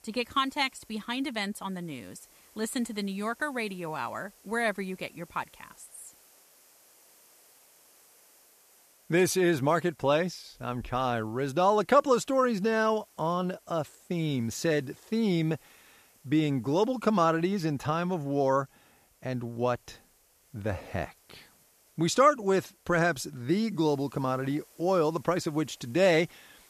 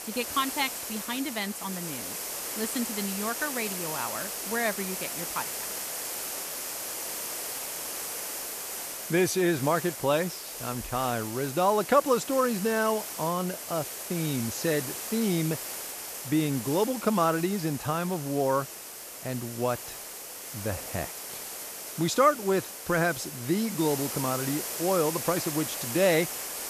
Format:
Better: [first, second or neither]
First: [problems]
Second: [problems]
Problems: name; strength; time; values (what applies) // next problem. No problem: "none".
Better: first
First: hiss; faint; throughout; 30 dB below the speech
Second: hiss; loud; throughout; 5 dB below the speech